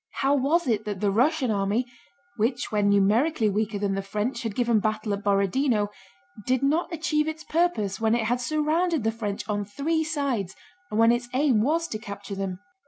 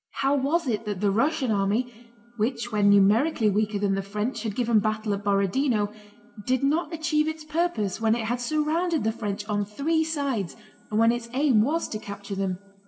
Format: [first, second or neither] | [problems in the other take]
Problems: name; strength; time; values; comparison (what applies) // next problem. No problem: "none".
first | room echo; dies away in 1.3 s